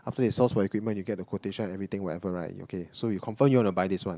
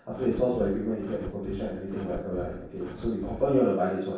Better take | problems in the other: first | background sound (Breathing); 13 dB below the speech // room echo; dies away in 0.7 s

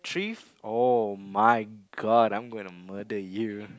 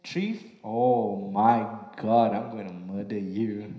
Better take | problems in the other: first | room echo; dies away in 0.9 s

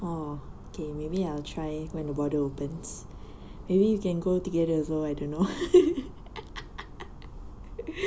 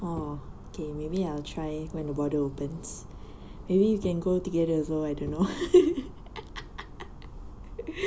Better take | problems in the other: first | background sound (Bowed string instrument); 17 dB below the speech

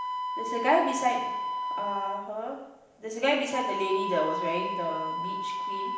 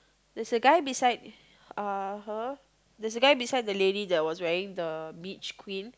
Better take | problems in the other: second | background sound (Wind instrument, woodwind instrument); 2 dB below the speech // room echo; dies away in 0.9 s

